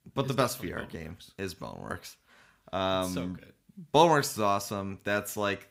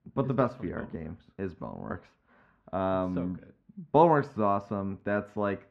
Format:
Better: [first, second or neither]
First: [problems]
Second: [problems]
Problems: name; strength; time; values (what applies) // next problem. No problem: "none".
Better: first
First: none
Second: muffled; very; fading above 1.5 kHz